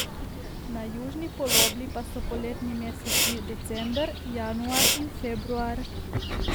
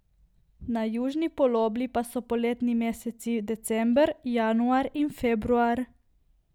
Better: second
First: background sound (Bird vocalization, bird call, bird song + Respiratory sounds); 4 dB above the speech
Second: none

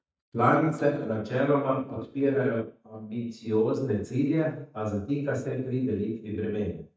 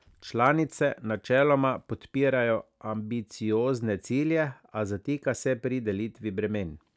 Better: second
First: noise reduction (neural mask model DeepFilterNet 3)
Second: none

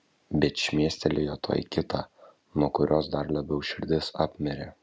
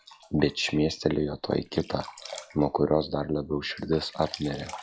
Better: first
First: none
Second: noise reduction (classical method log-MMSE)

